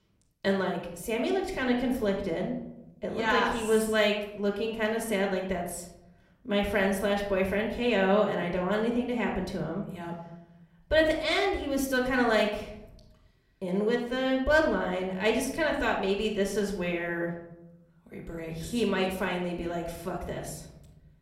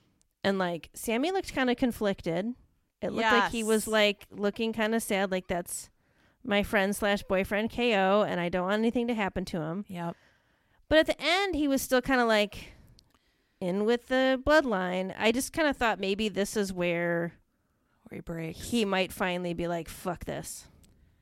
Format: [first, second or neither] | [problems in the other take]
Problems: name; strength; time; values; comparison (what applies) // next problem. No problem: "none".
second | off-mic speech; somewhat distant // room echo; slight; dies away in 0.8 s